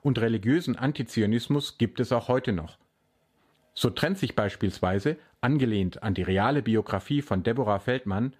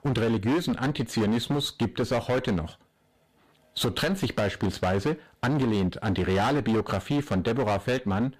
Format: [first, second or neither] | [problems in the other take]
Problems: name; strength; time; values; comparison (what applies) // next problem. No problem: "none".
first | distortion; heavy; 21% of the sound clipped